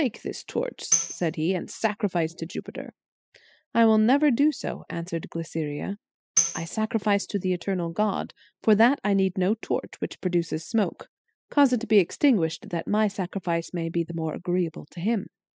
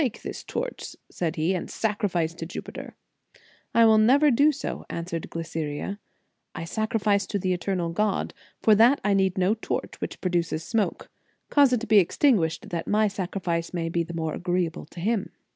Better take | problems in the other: second | noise reduction (classical method spectral subtraction)

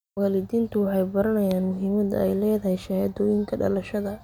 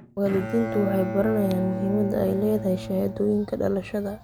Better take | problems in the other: first | background sound (Bowed string instrument); 8 dB below the speech

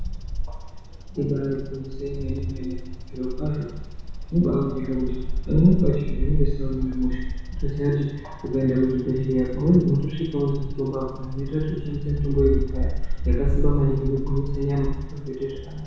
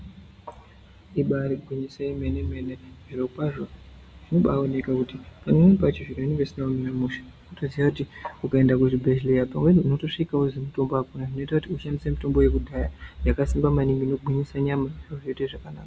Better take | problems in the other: second | background sound (Bird vocalization, bird call, bird song); 2 dB below the speech // room echo; dies away in 1.1 s

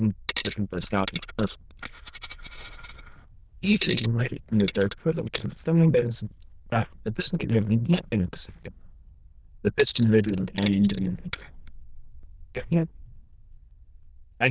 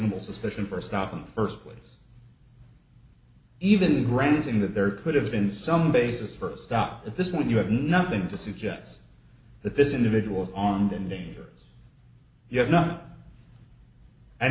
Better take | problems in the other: second | noise reduction (neural diffusion model UNIVERSE++)

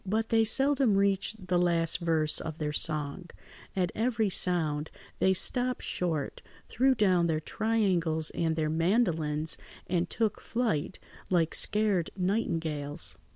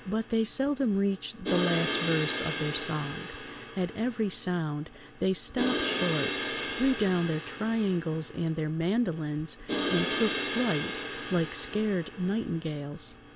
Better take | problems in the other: first | background sound (Crash cymbal); 5 dB below the speech

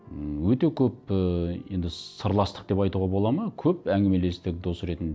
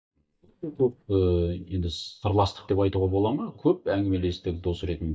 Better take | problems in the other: first | noise reduction (neural mask model DeepFilterNet 3)

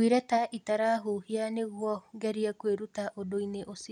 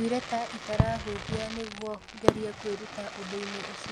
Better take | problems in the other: first | background sound (Fireworks); 2 dB above the speech

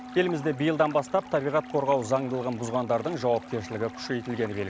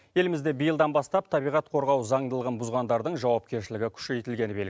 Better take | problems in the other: second | background sound (Stream + Wind instrument, woodwind instrument); 15 dB below the speech

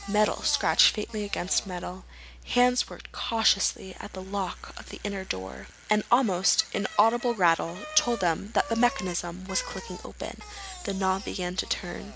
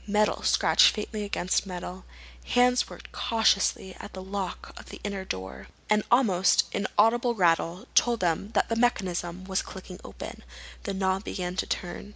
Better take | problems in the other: second | background sound (Bicycle); 17 dB below the speech

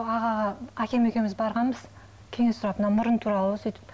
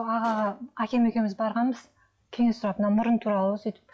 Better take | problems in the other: first | noise reduction (classical method log-MMSE)

